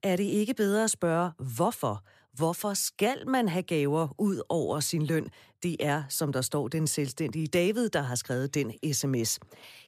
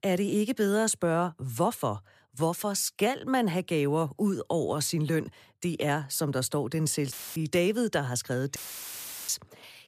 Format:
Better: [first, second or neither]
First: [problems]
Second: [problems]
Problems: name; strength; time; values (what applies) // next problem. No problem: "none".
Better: first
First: none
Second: audio cutting out; filled with static; at 7 s and at 8.5 s for 0.5 s